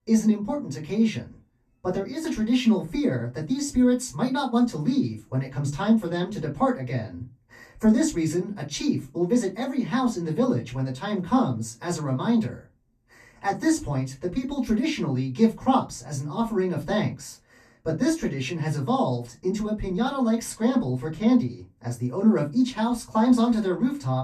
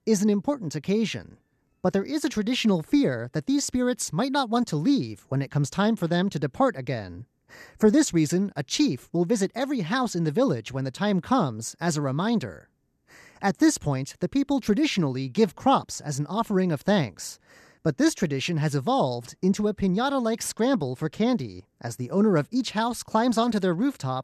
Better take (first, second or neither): second